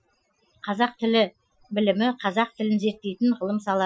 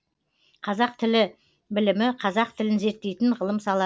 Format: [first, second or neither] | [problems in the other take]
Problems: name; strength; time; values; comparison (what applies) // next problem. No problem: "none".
second | noise reduction (classical method Wiener filter)